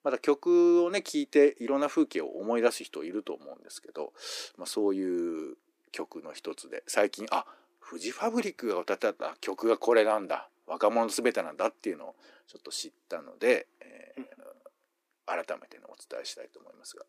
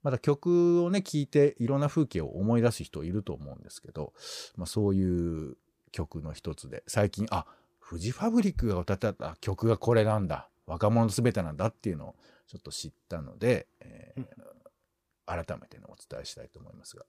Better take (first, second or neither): second